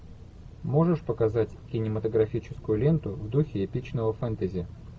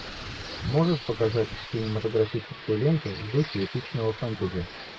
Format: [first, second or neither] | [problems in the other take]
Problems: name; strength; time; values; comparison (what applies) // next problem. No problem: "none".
first | noise reduction (neural mask model Resemble Enhance denoiser)